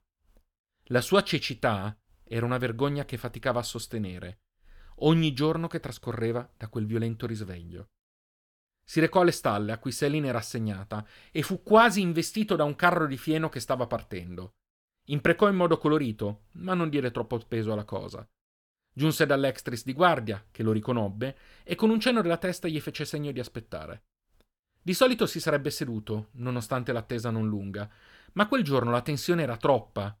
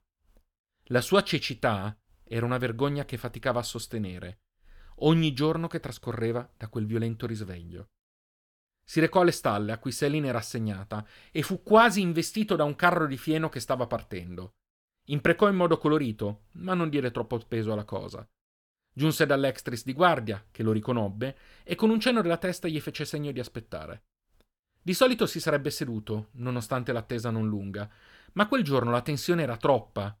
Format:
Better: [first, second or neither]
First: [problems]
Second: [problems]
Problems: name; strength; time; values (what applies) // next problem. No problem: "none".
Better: neither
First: none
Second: none